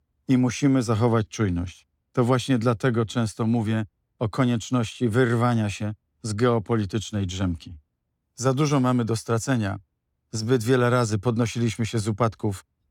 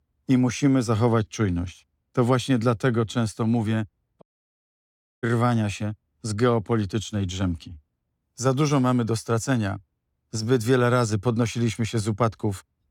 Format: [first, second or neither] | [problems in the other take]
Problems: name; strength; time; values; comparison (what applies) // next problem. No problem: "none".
first | audio cutting out; at 4 s for 1 s